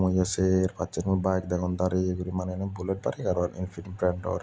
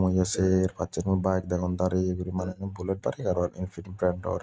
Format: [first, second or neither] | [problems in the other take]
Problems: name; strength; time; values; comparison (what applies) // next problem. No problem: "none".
first | noise reduction (neural mask model RNNoise)